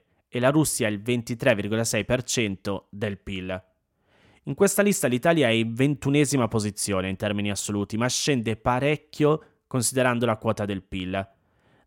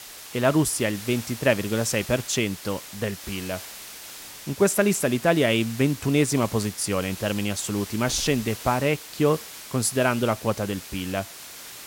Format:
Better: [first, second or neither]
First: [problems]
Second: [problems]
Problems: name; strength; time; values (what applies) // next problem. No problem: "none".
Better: first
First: none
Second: hiss; noticeable; throughout; 15 dB below the speech